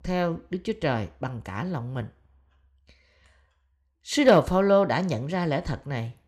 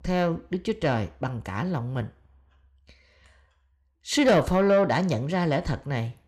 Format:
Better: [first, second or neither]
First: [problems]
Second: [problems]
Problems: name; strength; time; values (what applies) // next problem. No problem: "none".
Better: first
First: none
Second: distortion; slight; 10 dB below the speech